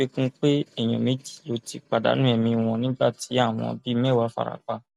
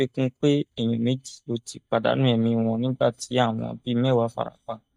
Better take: first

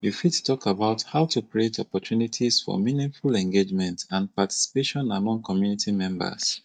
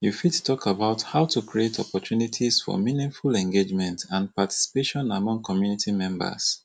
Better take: second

